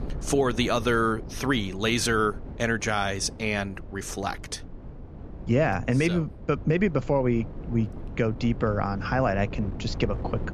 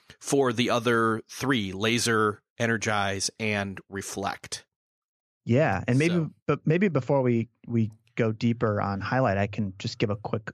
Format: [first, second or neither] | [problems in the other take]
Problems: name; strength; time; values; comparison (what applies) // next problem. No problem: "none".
second | wind noise on the microphone; occasional gusts; 20 dB below the speech